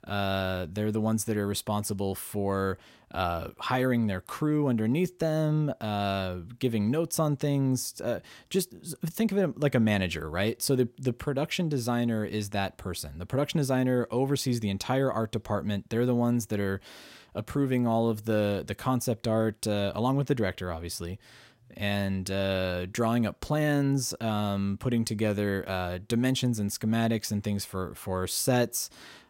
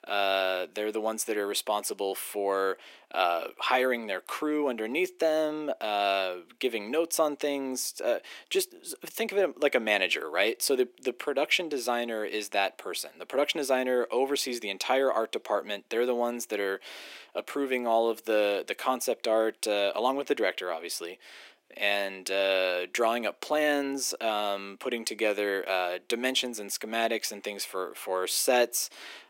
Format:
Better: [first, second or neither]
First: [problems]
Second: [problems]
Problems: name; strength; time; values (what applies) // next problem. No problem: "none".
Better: first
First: none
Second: thin; very; fading below 300 Hz